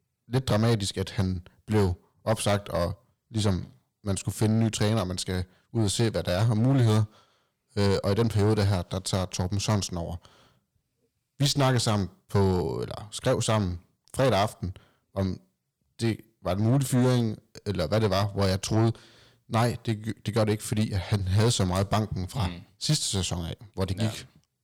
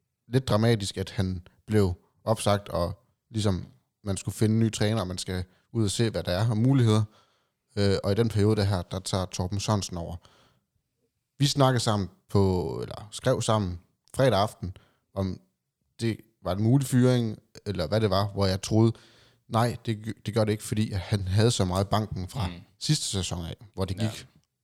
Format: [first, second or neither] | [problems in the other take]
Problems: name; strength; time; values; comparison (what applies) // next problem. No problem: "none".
second | distortion; slight; 6% of the sound clipped